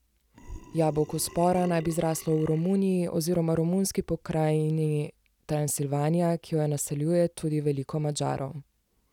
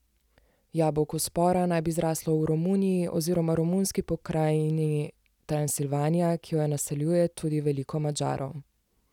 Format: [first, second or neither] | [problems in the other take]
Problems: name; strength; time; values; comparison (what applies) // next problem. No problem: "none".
second | background sound (Burping, eructation); 19 dB below the speech